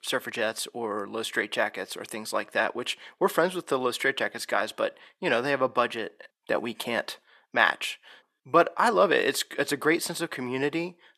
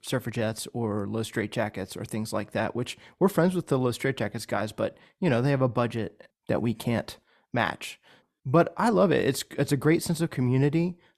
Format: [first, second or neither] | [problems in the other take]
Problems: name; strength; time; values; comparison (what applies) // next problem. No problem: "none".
second | thin; somewhat; fading below 400 Hz